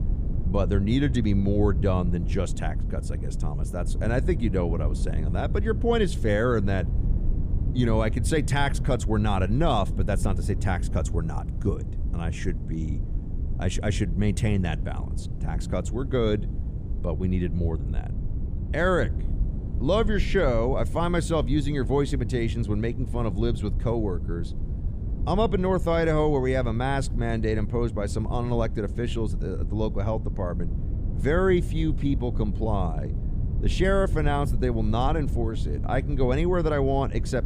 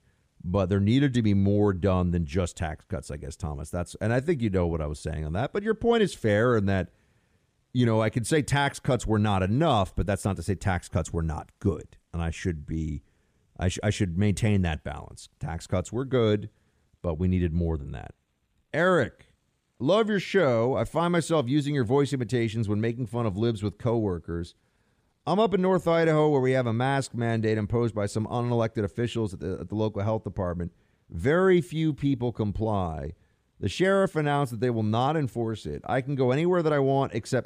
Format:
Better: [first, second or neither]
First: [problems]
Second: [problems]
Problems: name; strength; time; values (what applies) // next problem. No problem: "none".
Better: second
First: low rumble; noticeable; throughout; 15 dB below the speech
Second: none